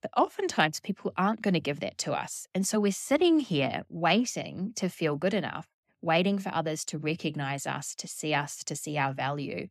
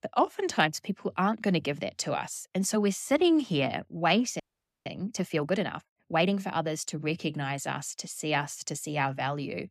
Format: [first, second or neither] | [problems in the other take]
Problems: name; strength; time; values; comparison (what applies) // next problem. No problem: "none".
first | audio freezing; at 4.5 s